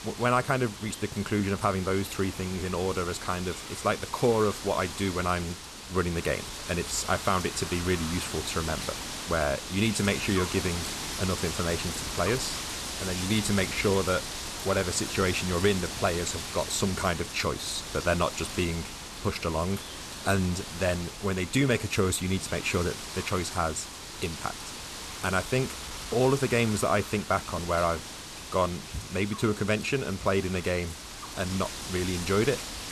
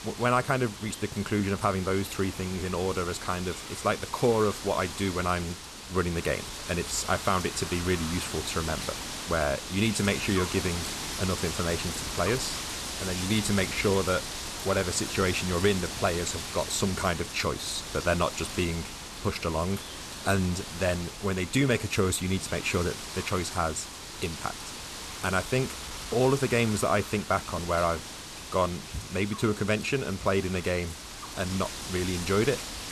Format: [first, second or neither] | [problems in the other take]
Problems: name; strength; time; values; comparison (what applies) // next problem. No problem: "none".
neither | wind noise on the microphone; heavy; 7 dB below the speech; the same in both